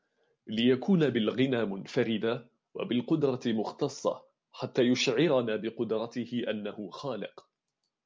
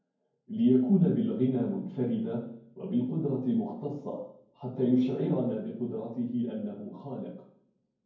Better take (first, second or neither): first